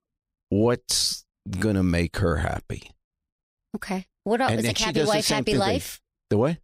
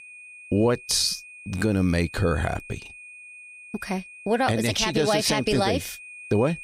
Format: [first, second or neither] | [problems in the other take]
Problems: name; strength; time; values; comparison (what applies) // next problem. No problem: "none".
first | high-pitched whine; noticeable; throughout; 2.5 kHz, 15 dB below the speech